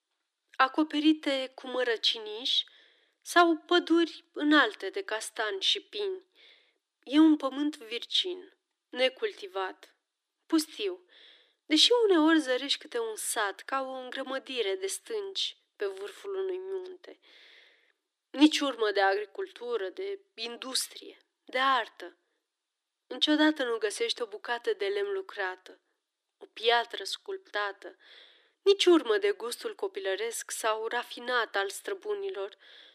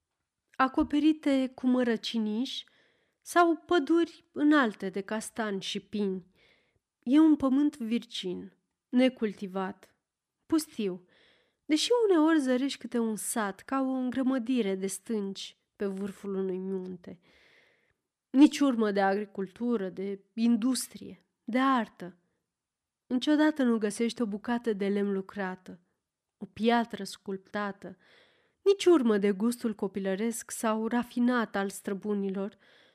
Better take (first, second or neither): second